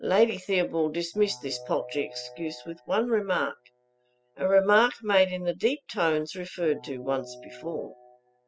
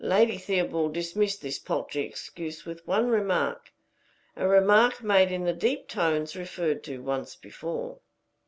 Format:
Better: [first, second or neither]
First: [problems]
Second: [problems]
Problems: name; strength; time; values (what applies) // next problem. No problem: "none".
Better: second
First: noise reduction (classical method spectral subtraction)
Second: none